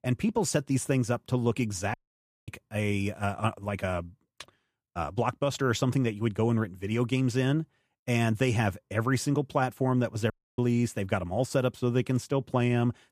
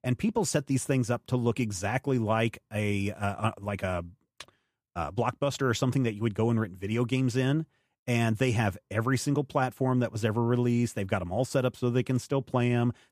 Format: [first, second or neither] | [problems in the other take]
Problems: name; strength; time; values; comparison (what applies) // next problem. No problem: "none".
second | audio cutting out; at 2 s for 0.5 s and at 10 s